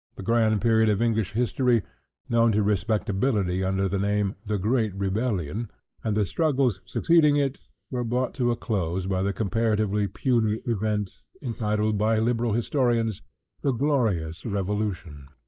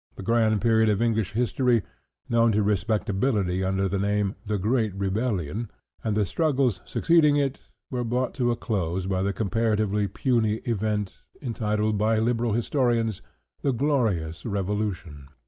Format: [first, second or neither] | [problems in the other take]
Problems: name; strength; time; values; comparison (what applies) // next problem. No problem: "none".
second | noise reduction (neural mask model Resemble Enhance denoiser)